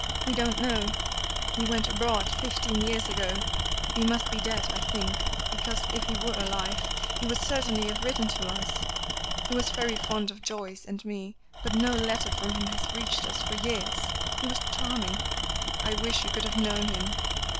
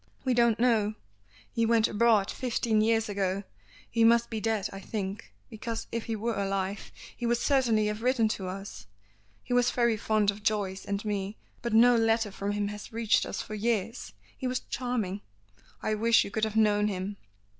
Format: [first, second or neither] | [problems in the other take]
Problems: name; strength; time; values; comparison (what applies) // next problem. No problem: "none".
second | background sound (Tools); 2 dB above the speech